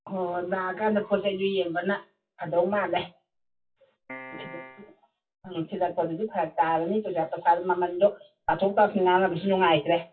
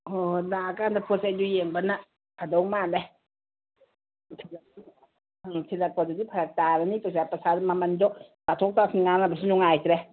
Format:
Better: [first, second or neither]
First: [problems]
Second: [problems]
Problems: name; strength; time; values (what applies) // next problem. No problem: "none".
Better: second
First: noise reduction (classical method WPE with log-MMSE)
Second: none